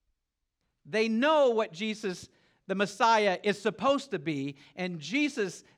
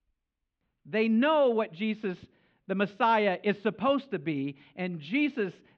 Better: first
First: none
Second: muffled; slightly; fading above 3 kHz

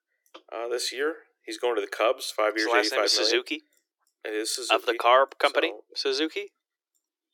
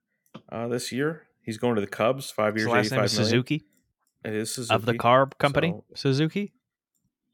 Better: second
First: thin; very; fading below 300 Hz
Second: none

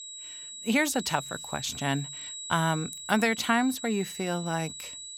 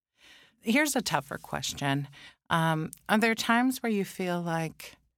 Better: second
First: high-pitched whine; loud; throughout; 4 kHz, 10 dB below the speech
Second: none

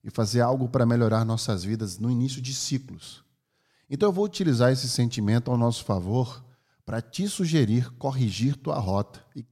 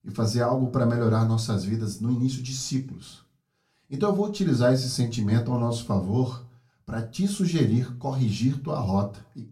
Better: first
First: none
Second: off-mic speech; far // room echo; very slight; dies away in 0.2 s

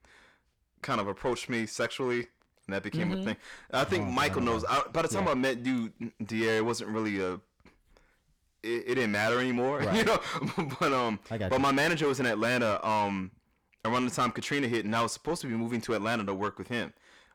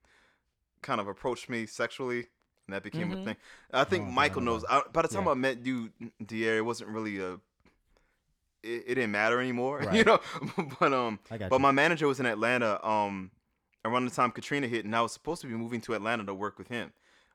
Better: second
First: distortion; heavy; 7 dB below the speech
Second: none

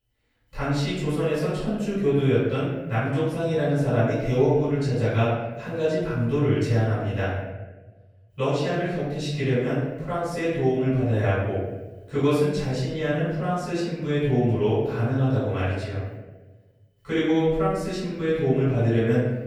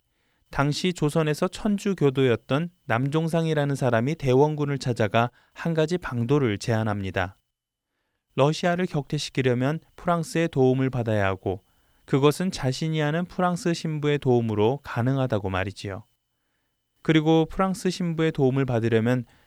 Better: second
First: off-mic speech; far // room echo; strong; dies away in 1.2 s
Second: none

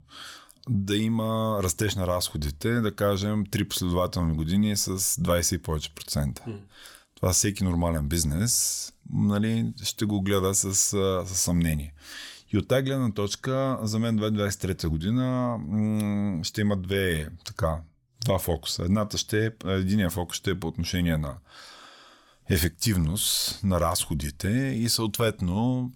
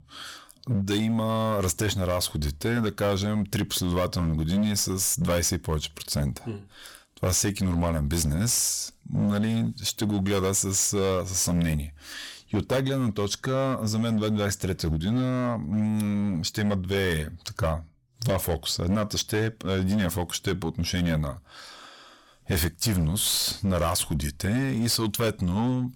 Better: first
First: none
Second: distortion; slight; 12% of the sound clipped

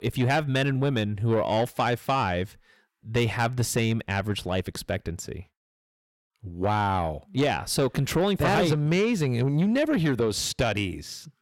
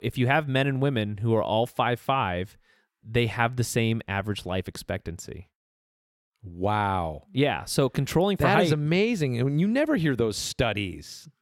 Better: second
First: distortion; slight; 10 dB below the speech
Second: none

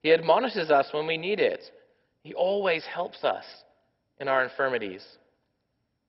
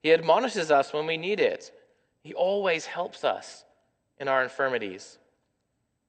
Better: second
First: garbled, watery; badly; nothing above 5.5 kHz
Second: garbled, watery; slightly; nothing above 8.5 kHz

